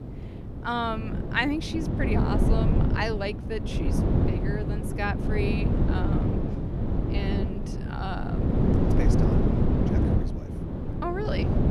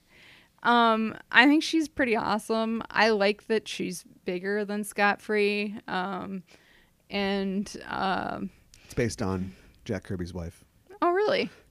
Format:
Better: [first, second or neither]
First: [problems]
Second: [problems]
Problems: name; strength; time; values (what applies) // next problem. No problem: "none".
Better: second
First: wind noise on the microphone; heavy; 2 dB below the speech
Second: none